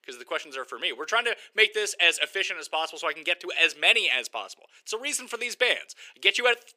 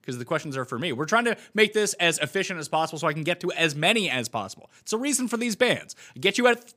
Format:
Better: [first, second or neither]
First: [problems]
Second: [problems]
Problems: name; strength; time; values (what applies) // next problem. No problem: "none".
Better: second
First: thin; very; fading below 400 Hz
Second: none